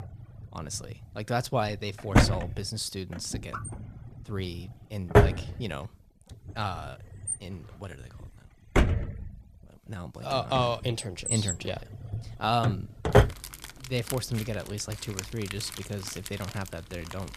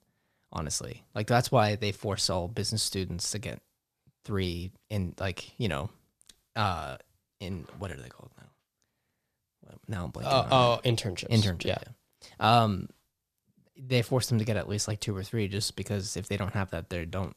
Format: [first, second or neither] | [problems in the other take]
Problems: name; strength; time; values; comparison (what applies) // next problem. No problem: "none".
second | household noises; very loud; throughout; 4 dB above the speech